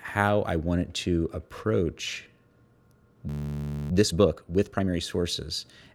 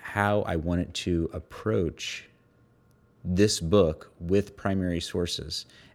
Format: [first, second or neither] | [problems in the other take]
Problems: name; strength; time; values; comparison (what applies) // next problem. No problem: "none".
second | audio freezing; at 3.5 s for 0.5 s